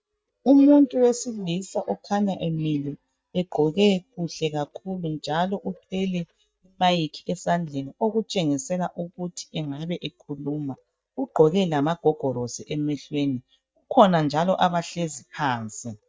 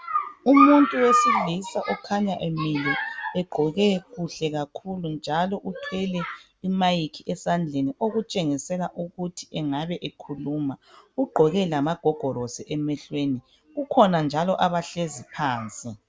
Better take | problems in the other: second | noise reduction (neural mask model DeepFilterNet 3)

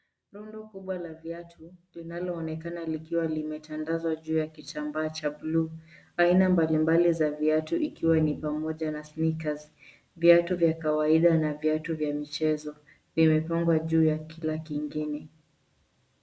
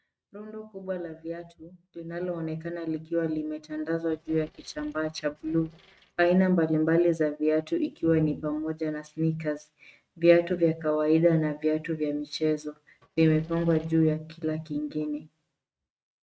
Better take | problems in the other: first | noise reduction (neural mask model RNNoise)

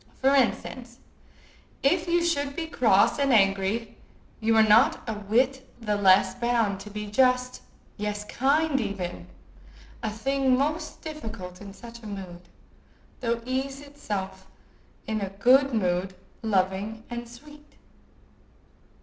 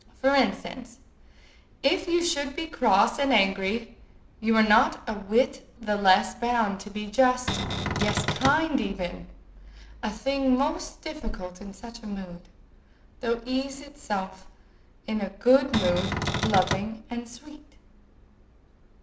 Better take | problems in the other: first | background sound (Cupboard open or close); 1 dB below the speech

